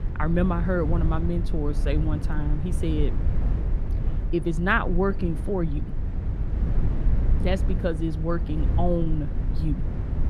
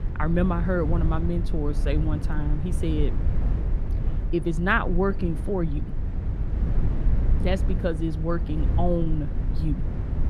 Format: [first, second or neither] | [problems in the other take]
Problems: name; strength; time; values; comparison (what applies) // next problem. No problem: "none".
neither | low rumble; noticeable; throughout; 10 dB below the speech; the same in both